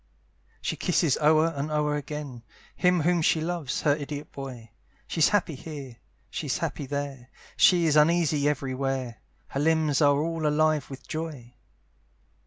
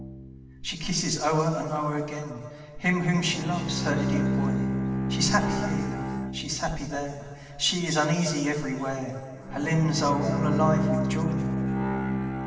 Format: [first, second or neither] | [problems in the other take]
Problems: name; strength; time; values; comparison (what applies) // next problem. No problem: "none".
first | background sound (Bowed string instrument); 2 dB below the speech // room echo; dies away in 2.3 s